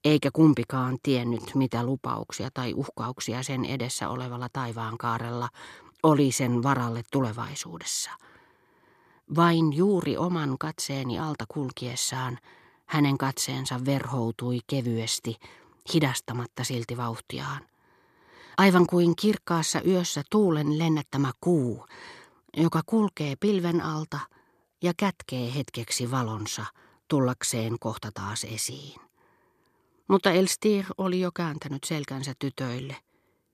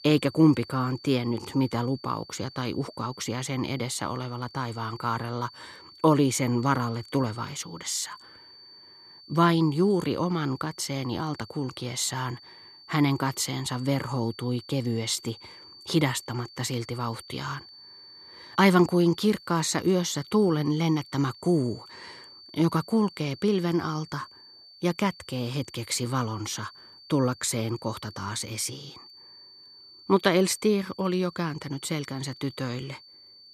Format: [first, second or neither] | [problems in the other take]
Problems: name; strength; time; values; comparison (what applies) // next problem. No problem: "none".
first | high-pitched whine; noticeable; throughout; 4.5 kHz, 20 dB below the speech